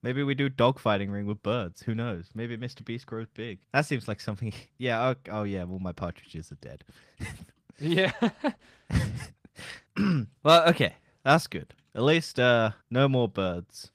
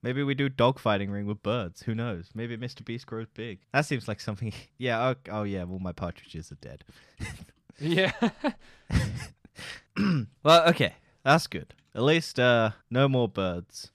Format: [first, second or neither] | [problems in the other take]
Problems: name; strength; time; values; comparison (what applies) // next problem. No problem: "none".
second | garbled, watery; slightly; nothing above 15 kHz